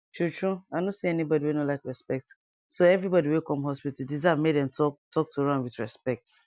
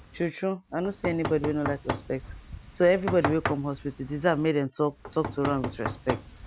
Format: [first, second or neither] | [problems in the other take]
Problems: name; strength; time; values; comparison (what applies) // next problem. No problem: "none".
first | background sound (Knock); 8 dB below the speech